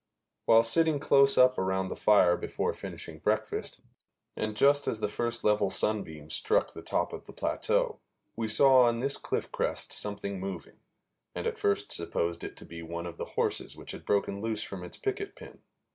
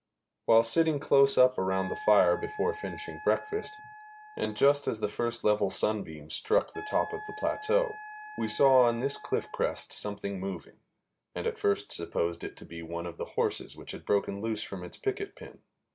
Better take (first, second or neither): first